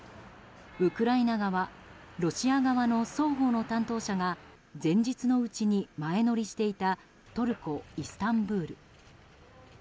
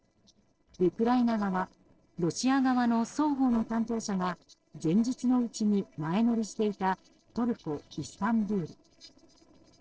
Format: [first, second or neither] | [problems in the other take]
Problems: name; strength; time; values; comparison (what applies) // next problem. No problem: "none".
first | noise reduction (neural separator model SepFormer DNS4)